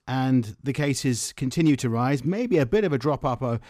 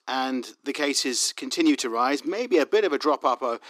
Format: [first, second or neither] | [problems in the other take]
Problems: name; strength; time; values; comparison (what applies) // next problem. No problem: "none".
first | thin; somewhat; fading below 300 Hz